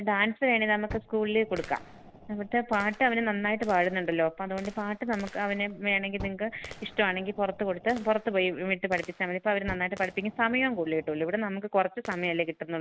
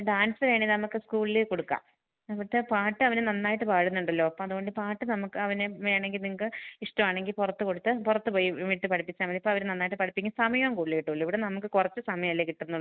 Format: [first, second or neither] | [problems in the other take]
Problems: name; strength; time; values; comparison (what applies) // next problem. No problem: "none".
second | background sound (Gunshot, gunfire + Fire); 19 dB below the speech